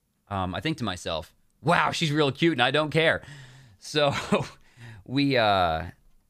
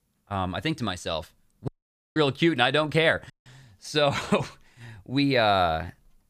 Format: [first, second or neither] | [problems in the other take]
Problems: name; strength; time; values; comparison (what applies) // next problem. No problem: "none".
first | audio cutting out; at 1.5 s and at 3.5 s